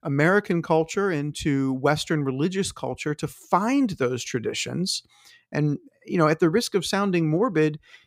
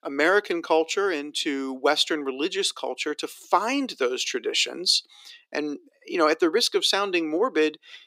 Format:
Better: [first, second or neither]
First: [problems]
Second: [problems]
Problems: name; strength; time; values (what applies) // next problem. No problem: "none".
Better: first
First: none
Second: thin; somewhat; fading below 300 Hz